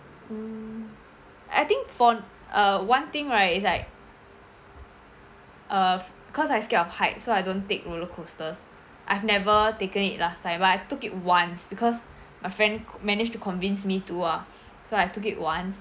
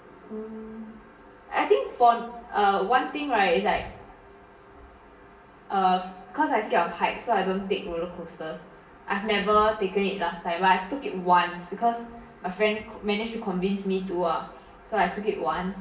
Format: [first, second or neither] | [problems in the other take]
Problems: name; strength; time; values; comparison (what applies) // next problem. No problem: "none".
first | room echo; dies away in 0.8 s